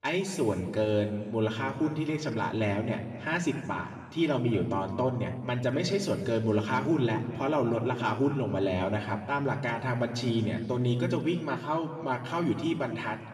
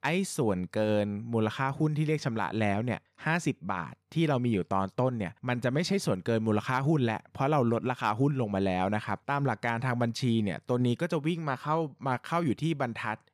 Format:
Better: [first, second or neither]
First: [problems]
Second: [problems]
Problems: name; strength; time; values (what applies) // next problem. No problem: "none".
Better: second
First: room echo; noticeable; dies away in 1.6 s // off-mic speech; far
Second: none